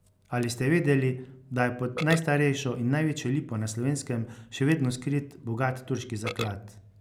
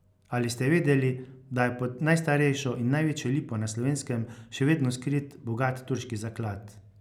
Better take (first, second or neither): second